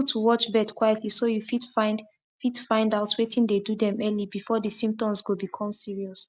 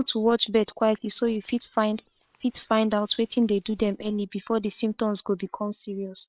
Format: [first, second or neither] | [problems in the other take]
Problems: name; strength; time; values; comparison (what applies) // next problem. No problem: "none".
first | noise reduction (neural separator model SepFormer WHAM!)